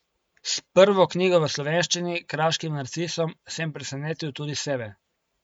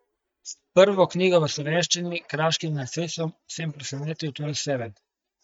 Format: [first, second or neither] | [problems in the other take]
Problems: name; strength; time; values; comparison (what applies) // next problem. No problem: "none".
first | noise reduction (neural mask model DeepFilterNet 3)